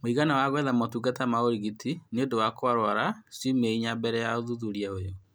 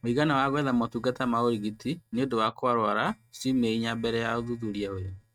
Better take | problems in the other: first | noise reduction (neural mask model RNNoise)

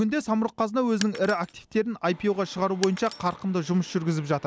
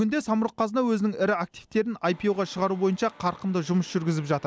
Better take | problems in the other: second | background sound (Shatter); 17 dB below the speech

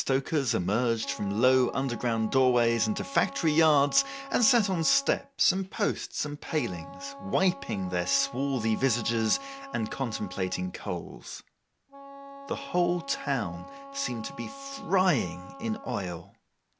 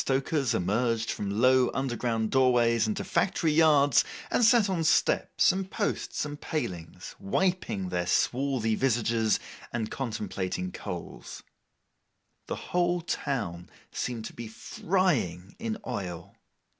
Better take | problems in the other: second | background sound (Wind instrument, woodwind instrument); 16 dB below the speech

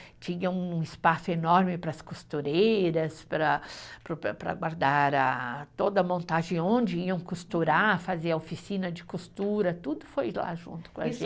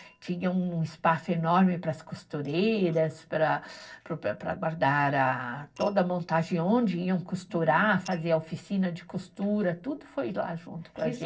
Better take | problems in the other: first | noise reduction (neural separator model SepFormer DNS4)

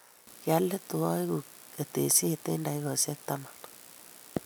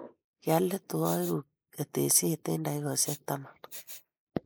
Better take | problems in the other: first | noise reduction (neural mask model Resemble Enhance denoiser)

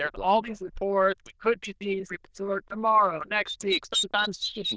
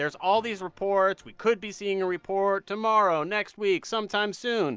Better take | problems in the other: second | noise reduction (neural diffusion model UNIVERSE++)

